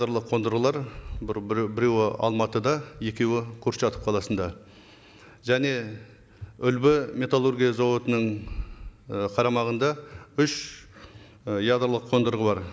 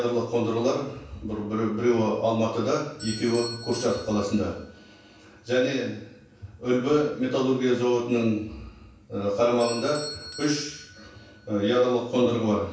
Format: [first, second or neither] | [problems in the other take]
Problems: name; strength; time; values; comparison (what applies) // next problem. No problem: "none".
first | background sound (Bell / Doorbell); 19 dB below the speech // room echo; dies away in 0.7 s